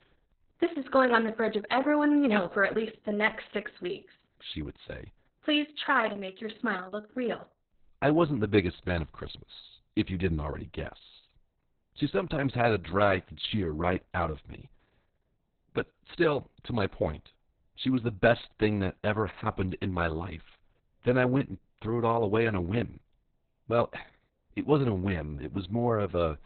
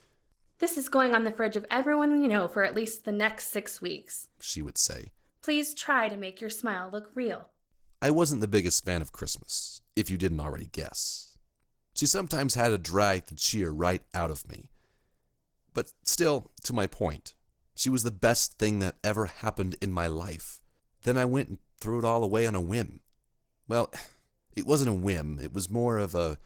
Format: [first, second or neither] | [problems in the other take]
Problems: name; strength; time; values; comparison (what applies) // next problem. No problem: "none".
second | garbled, watery; badly; nothing above 4 kHz; slightly in the second